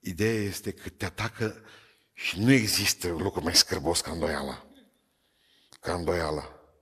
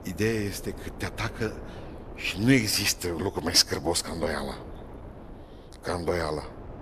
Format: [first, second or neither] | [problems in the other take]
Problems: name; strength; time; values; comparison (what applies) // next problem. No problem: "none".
first | wind noise on the microphone; occasional gusts; 20 dB below the speech